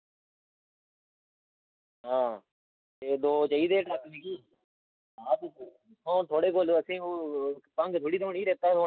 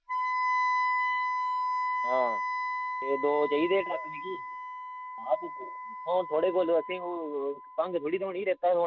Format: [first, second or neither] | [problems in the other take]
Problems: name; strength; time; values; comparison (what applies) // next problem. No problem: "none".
first | background sound (Wind instrument, woodwind instrument); 2 dB below the speech